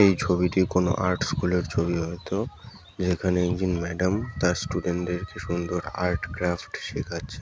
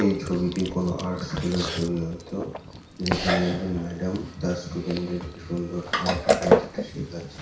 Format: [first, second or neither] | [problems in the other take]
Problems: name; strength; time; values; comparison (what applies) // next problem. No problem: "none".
first | background sound (Chewing, mastication); 1 dB below the speech // room echo; dies away in 0.6 s